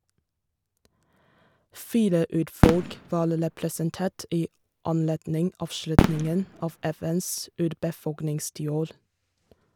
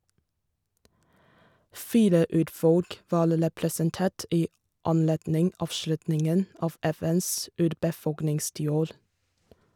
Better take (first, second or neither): second